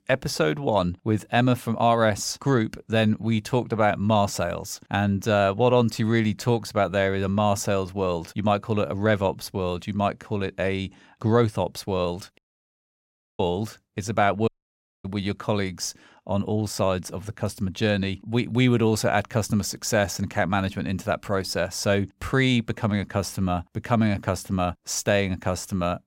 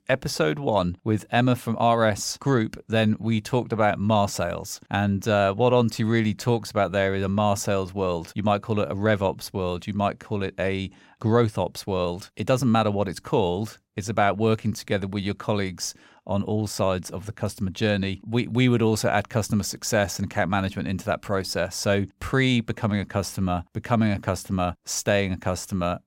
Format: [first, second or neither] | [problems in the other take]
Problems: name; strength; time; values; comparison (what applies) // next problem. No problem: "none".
second | audio cutting out; at 12 s for 1 s and at 14 s for 0.5 s